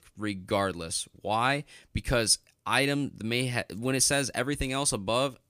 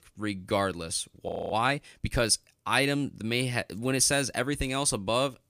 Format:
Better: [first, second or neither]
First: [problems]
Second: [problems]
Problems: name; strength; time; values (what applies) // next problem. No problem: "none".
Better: first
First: none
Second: audio freezing; at 1.5 s